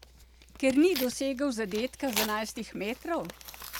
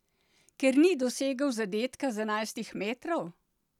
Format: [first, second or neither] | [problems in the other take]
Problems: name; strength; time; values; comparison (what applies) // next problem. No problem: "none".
second | background sound (Tearing); 10 dB below the speech